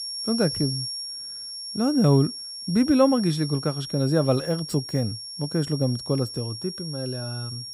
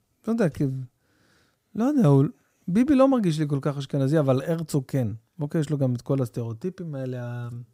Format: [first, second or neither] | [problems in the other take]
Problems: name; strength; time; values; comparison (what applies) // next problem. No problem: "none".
second | high-pitched whine; loud; throughout; 5.5 kHz, 8 dB below the speech